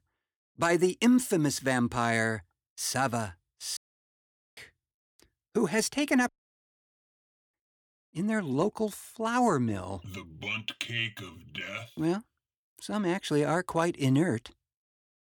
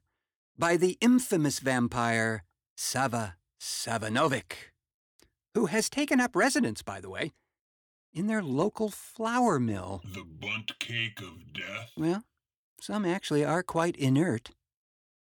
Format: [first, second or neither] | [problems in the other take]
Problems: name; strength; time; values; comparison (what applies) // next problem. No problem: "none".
second | audio cutting out; at 4 s for 1 s and at 6.5 s for 1.5 s